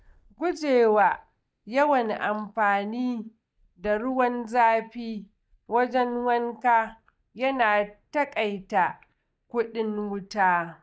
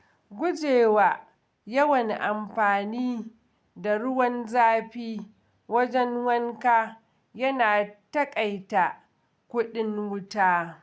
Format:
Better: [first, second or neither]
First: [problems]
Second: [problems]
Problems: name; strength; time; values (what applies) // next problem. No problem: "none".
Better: second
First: noise reduction (neural mask model DeepFilterNet 3)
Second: none